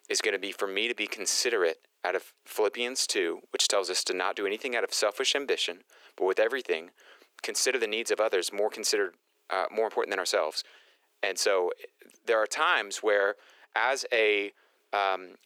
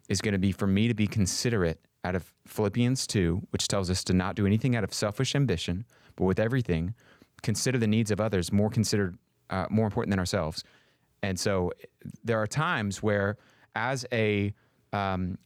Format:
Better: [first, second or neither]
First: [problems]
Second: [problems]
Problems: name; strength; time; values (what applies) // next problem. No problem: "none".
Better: second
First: thin; very; fading below 350 Hz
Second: none